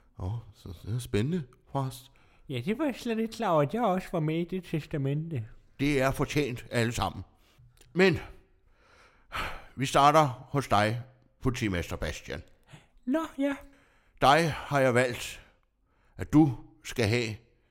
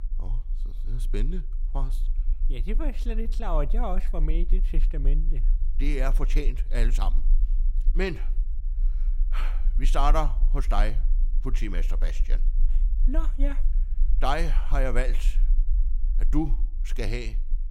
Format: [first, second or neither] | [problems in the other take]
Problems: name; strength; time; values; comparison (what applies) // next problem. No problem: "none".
first | low rumble; faint; throughout; 20 dB below the speech